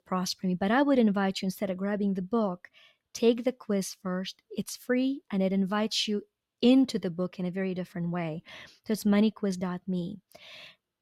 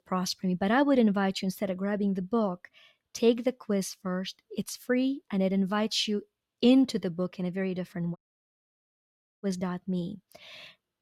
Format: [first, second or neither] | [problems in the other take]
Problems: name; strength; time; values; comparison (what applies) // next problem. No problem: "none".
first | audio cutting out; at 8 s for 1.5 s